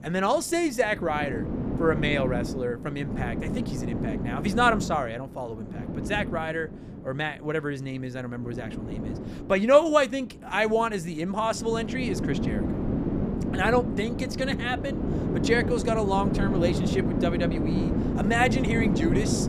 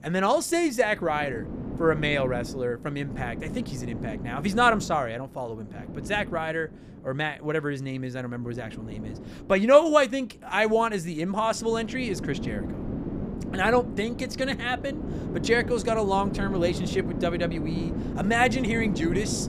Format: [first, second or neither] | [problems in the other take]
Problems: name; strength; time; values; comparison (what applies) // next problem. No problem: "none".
second | wind noise on the microphone; heavy; 8 dB below the speech; occasional gusts in the second